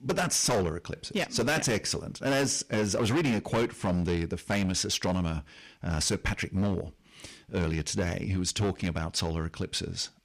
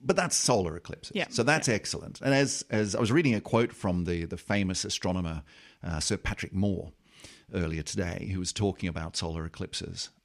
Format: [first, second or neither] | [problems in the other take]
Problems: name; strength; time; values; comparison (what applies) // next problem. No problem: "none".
second | distortion; heavy; 11% of the sound clipped